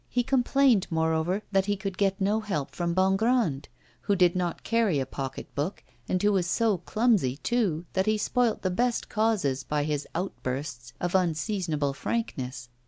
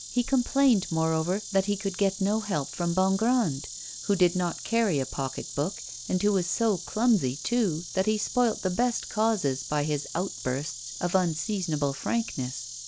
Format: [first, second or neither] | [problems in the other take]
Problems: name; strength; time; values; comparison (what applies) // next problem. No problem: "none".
first | background sound (Insect); 12 dB below the speech